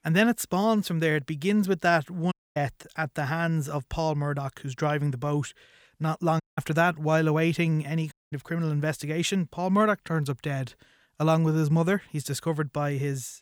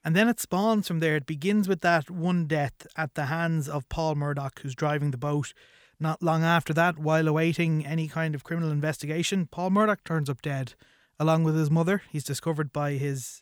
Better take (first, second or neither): second